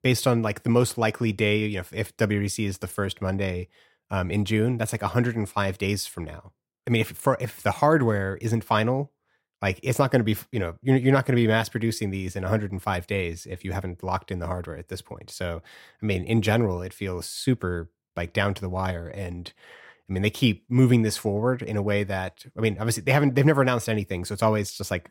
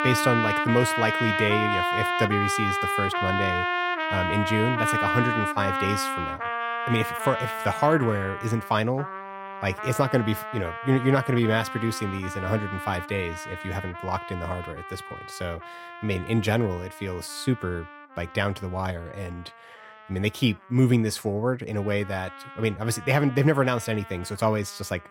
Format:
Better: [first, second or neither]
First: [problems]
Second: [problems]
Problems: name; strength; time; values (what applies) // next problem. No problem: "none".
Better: first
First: none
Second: background music; loud; throughout; 1 dB below the speech